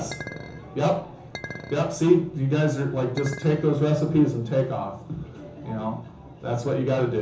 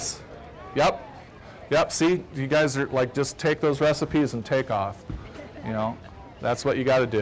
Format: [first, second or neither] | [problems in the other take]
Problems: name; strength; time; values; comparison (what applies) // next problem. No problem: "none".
second | background sound (Chink, clink); 15 dB below the speech // room echo; dies away in 0.7 s